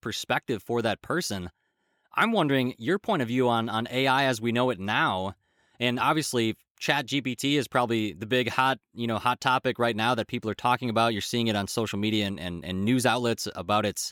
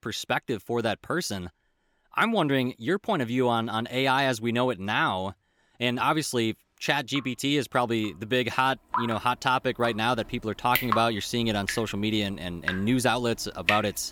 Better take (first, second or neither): first